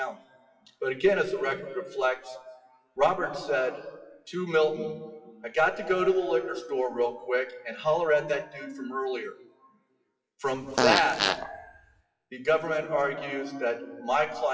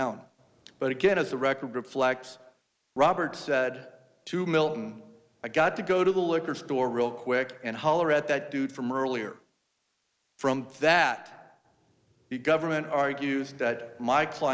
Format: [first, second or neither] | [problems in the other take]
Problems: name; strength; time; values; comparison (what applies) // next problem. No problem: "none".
second | noise reduction (classical method WPE with log-MMSE)